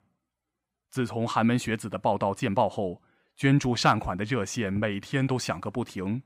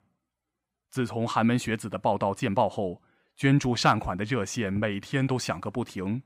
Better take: neither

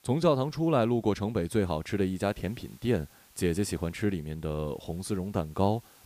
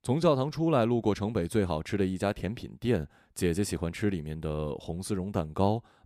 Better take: second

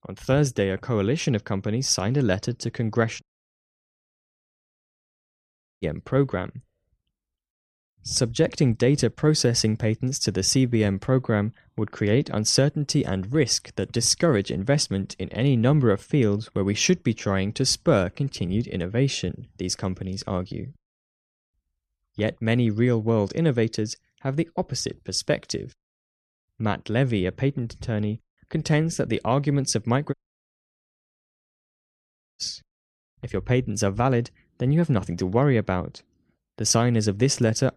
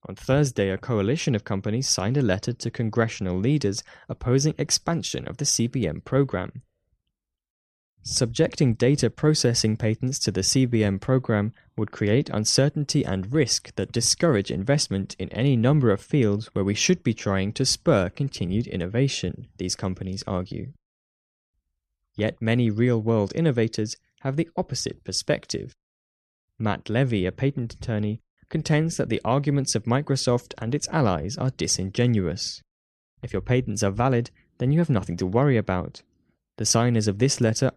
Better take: second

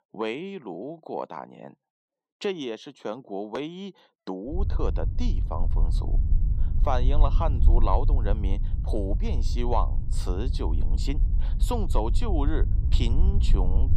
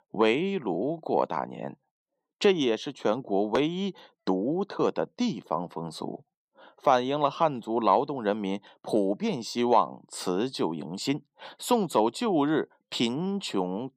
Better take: second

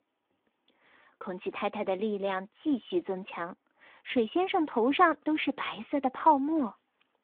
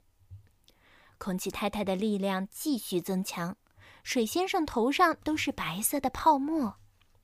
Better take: second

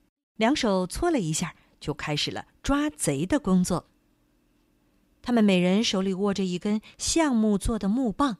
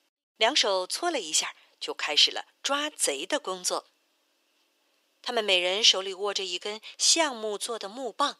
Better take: first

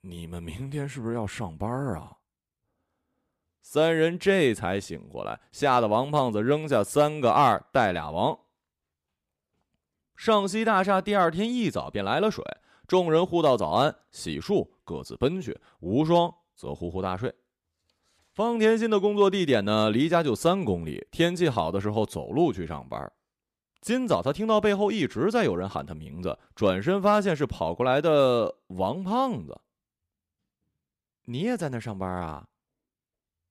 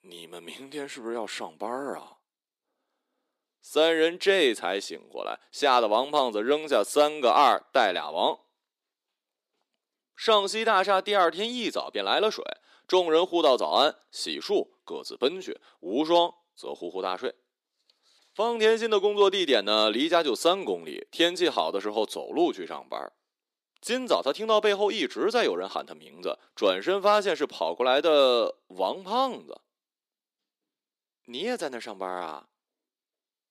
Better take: first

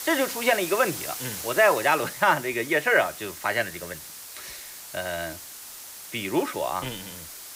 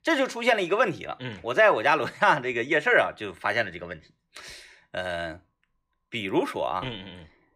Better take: second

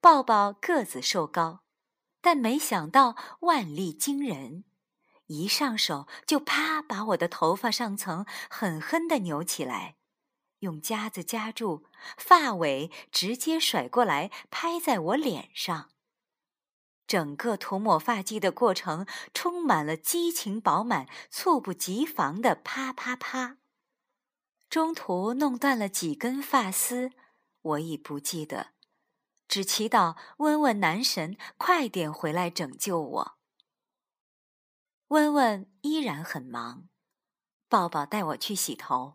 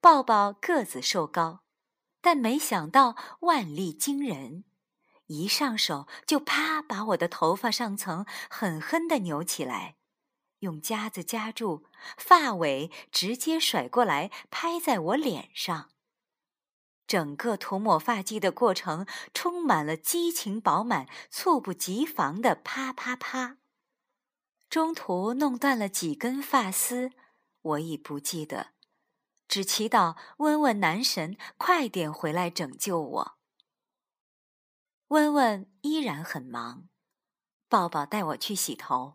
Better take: neither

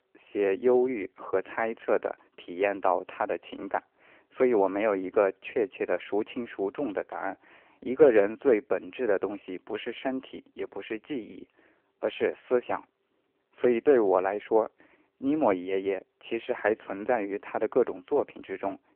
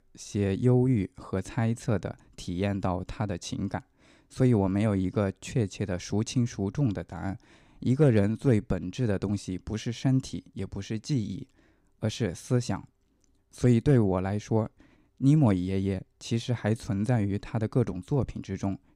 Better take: second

